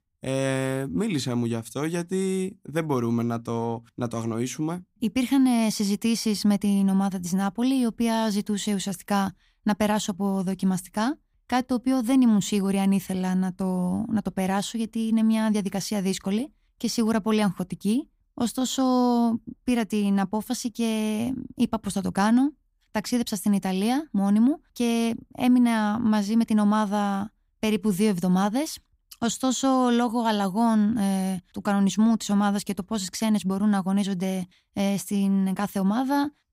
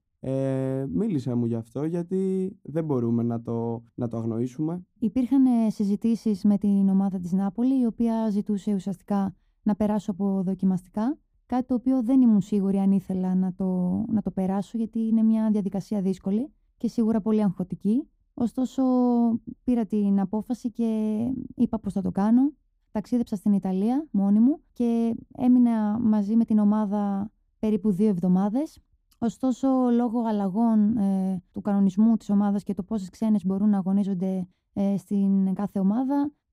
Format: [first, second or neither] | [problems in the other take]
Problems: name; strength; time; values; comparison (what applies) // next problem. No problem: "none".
first | muffled; slightly; fading above 1 kHz